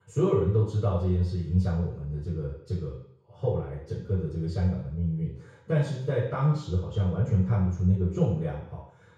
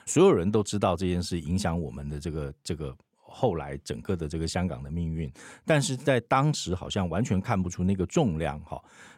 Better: second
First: room echo; noticeable; dies away in 0.6 s // off-mic speech; far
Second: none

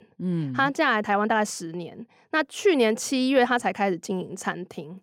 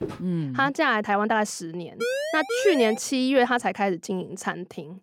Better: first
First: none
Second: footsteps; faint; at the start; peak 10 dB below the speech // siren; noticeable; at 2 s; peak 3 dB below the speech

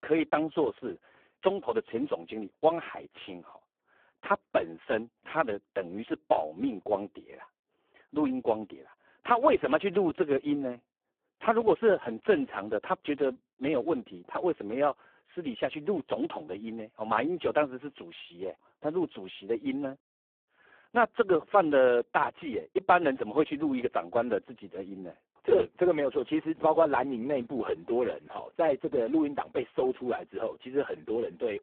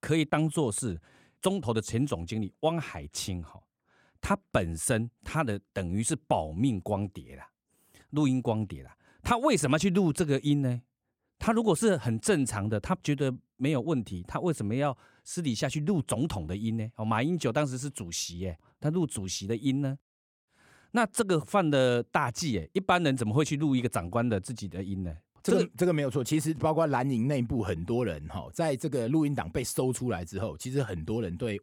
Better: second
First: phone-call audio; poor line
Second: none

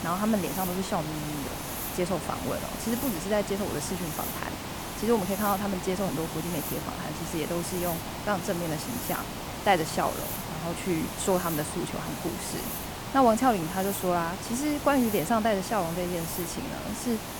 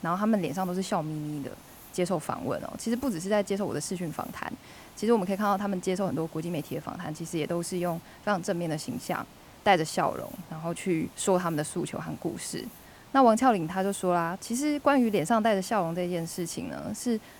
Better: second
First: hiss; loud; throughout; 5 dB below the speech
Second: hiss; faint; throughout; 20 dB below the speech

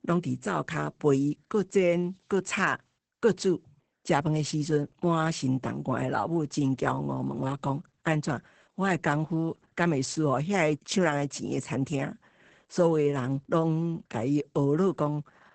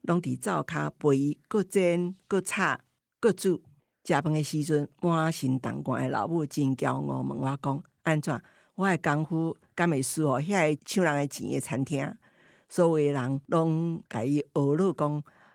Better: second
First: garbled, watery; badly; nothing above 8 kHz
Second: garbled, watery; slightly

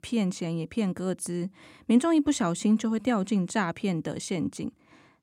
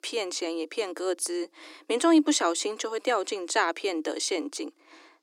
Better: first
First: none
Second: thin; somewhat; fading below 300 Hz

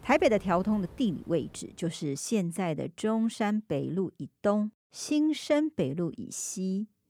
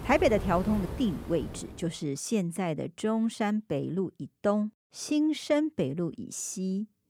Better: first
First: rain or running water; faint; until 1.5 s; 20 dB below the speech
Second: rain or running water; loud; until 1.5 s; 9 dB below the speech

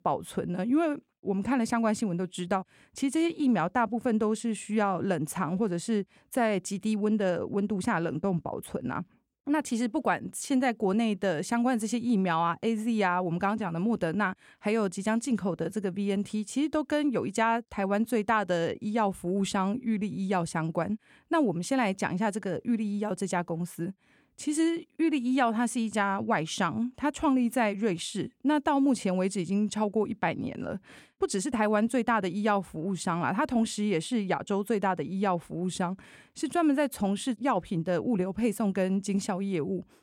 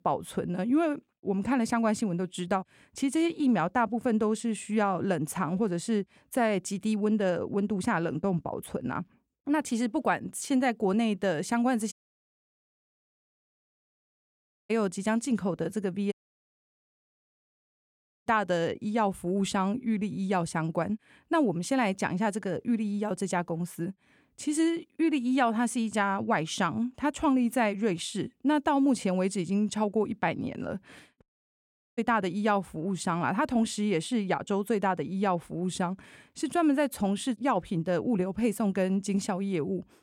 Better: first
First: none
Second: audio cutting out; at 12 s for 3 s, at 16 s for 2 s and at 31 s for 1 s

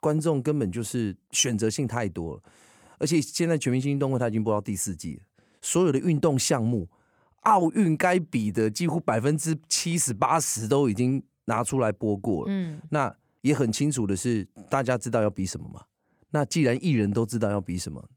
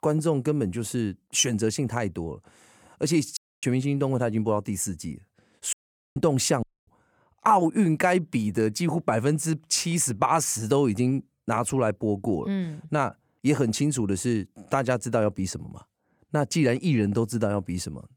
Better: first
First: none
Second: audio cutting out; at 3.5 s, at 5.5 s and at 6.5 s

